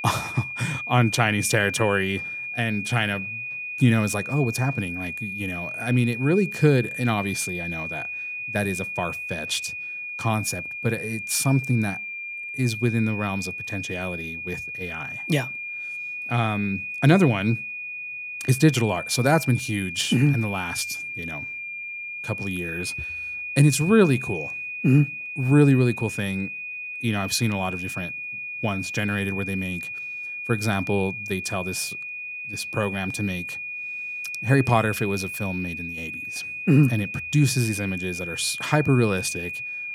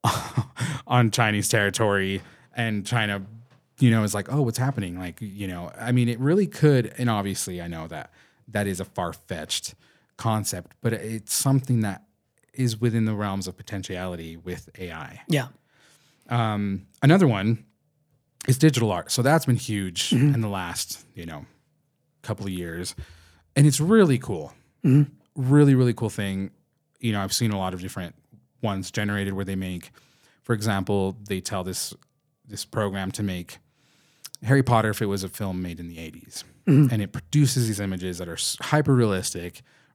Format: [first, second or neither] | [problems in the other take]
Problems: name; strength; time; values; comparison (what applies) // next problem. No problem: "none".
second | high-pitched whine; loud; throughout; 2.5 kHz, 6 dB below the speech